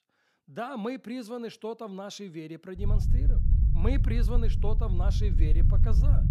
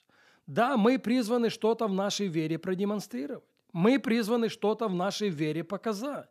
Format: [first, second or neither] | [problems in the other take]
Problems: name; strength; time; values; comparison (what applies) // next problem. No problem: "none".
second | low rumble; loud; from 3 s on; 6 dB below the speech